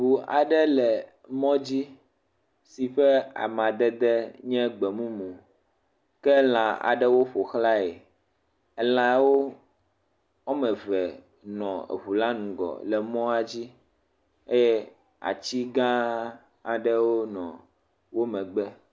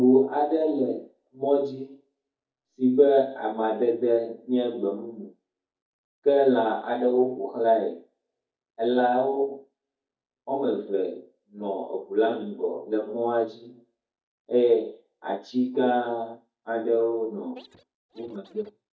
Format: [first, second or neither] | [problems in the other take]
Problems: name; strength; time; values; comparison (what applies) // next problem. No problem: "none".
first | noise reduction (neural mask model DeepFilterNet 3)